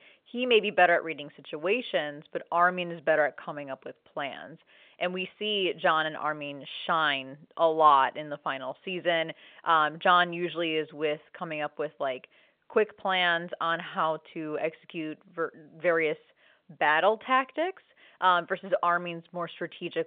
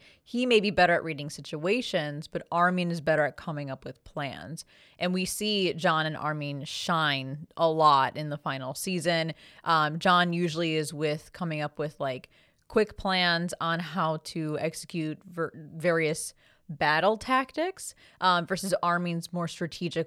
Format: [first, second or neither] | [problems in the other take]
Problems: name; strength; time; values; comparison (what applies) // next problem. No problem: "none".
second | phone-call audio; nothing above 3 kHz